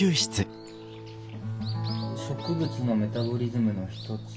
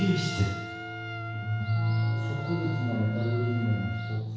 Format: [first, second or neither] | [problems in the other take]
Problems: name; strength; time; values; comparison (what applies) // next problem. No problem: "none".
first | background sound (Trumpet); 12 dB below the speech // room echo; dies away in 1.1 s